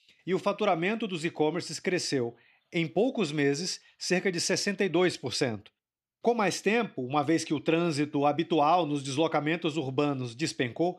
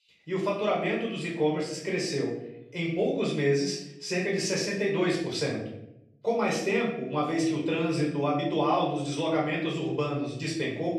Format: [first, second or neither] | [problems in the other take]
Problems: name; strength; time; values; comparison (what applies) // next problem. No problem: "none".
first | room echo; noticeable; dies away in 0.7 s // off-mic speech; far